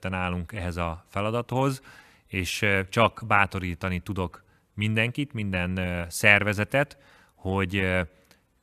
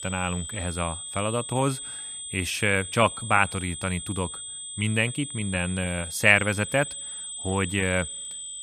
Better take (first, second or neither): first